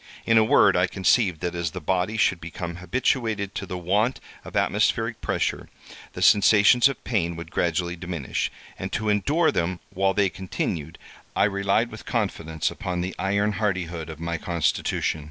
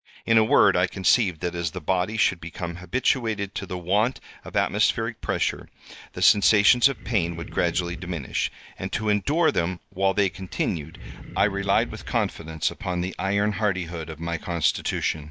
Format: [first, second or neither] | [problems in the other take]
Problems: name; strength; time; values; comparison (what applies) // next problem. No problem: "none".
first | noise reduction (neural mask model DeepFilterNet 3)